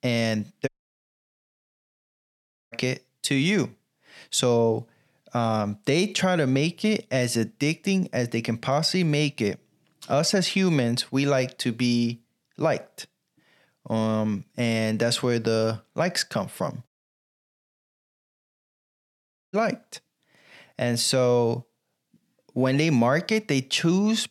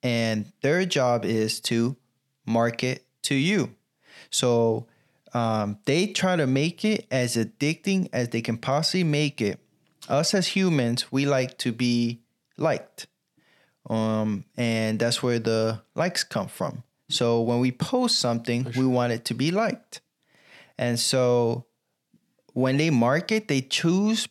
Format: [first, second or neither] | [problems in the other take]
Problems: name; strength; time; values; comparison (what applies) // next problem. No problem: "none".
second | audio cutting out; at 0.5 s for 2 s and at 17 s for 2.5 s